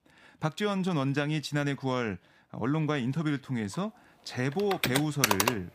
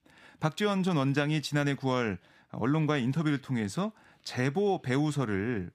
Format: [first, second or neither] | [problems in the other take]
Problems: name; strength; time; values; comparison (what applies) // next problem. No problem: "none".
second | household noises; very faint; throughout; 2 dB above the speech